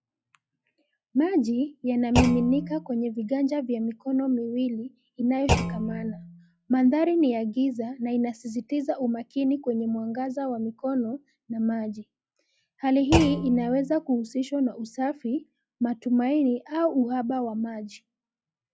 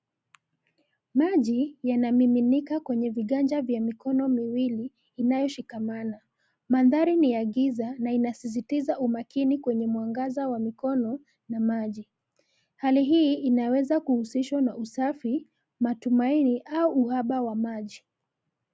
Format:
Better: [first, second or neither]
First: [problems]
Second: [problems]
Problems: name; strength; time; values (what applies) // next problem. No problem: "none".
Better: second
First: noise reduction (classical method log-MMSE)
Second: none